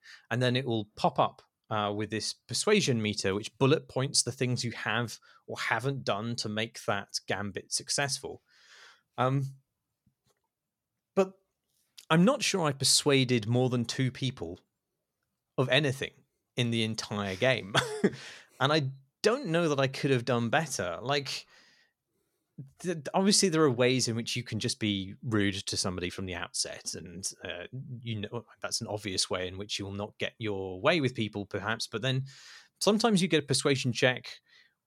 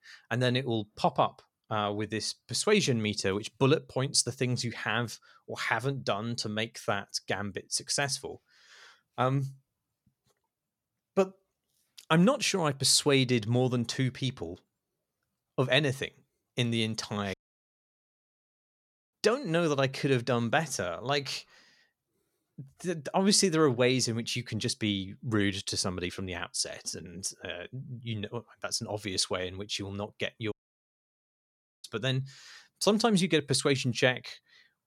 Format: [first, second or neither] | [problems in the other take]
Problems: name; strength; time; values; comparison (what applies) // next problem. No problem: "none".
first | audio cutting out; at 17 s for 2 s and at 31 s for 1.5 s